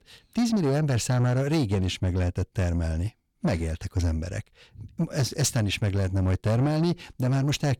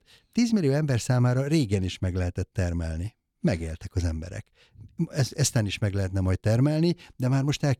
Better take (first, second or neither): second